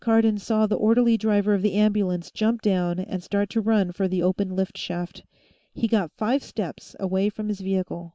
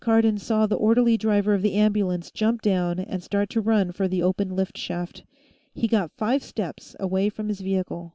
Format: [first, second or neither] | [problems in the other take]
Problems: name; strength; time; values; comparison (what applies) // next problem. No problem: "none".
second | noise reduction (neural mask model Resemble Enhance denoiser)